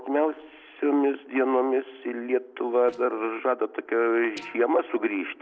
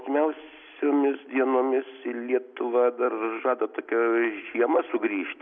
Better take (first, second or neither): second